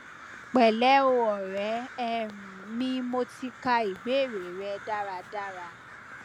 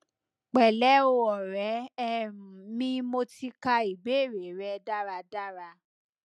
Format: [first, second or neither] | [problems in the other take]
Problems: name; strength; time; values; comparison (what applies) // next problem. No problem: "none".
second | background sound (Crow); 17 dB below the speech